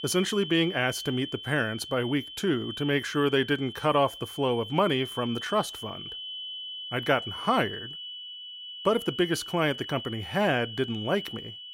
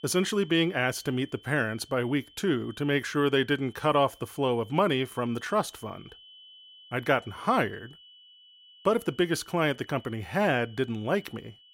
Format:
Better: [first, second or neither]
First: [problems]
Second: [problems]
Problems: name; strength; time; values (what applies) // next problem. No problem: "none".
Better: second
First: high-pitched whine; loud; throughout; 3 kHz, 10 dB below the speech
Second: high-pitched whine; faint; throughout; 3 kHz, 25 dB below the speech